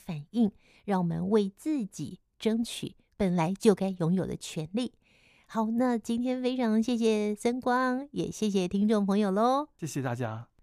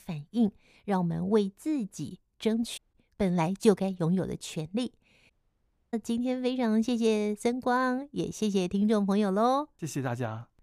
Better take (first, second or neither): first